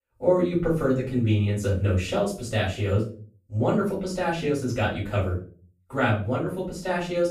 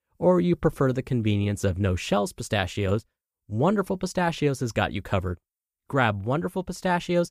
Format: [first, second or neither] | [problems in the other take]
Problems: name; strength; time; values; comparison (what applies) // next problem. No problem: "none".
second | off-mic speech; far // room echo; slight; dies away in 0.4 s